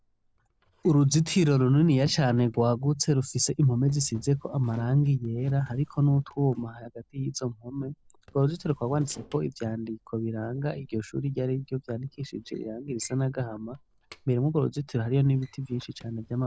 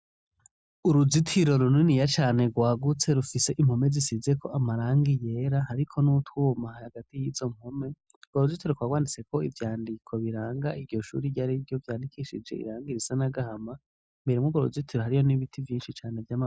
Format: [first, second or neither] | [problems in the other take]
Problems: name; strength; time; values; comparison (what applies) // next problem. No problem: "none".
second | noise reduction (neural separator model SepFormer DNS4)